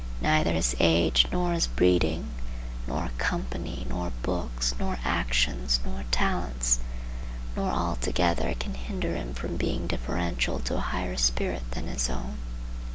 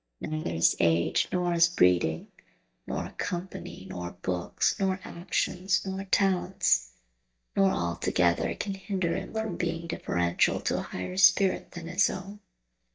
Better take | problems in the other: first | noise reduction (neural mask model DeepFilterNet 3)

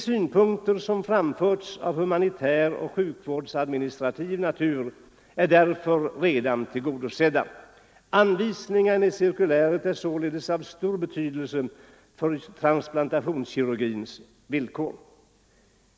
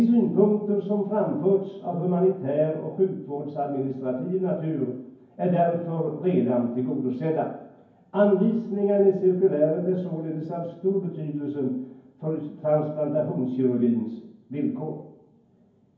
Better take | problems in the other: first | room echo; dies away in 0.9 s

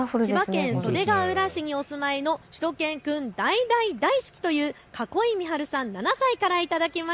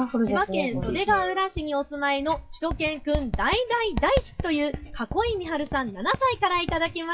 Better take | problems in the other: first | noise reduction (classical method WPE with log-MMSE)

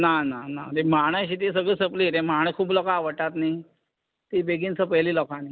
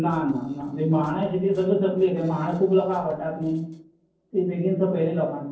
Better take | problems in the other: first | noise reduction (neural separator model SepFormer DNS4)

